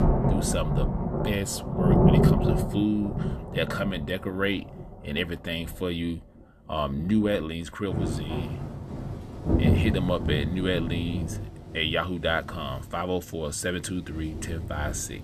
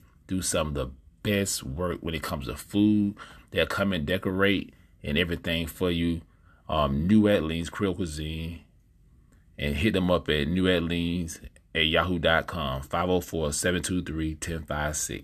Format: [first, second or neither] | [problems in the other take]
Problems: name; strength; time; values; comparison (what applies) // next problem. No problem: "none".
second | rain or running water; very loud; throughout; 3 dB above the speech